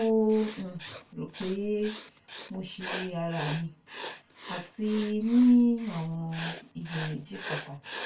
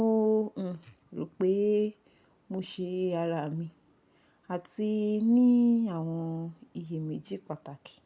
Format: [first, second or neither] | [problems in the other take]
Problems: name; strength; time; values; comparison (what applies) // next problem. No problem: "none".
second | background sound (Writing); 13 dB below the speech // room echo; dies away in 0.2 s